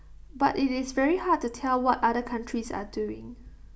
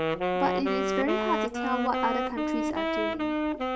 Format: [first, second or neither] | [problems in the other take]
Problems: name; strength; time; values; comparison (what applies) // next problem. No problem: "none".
first | background sound (Wind instrument, woodwind instrument); 3 dB above the speech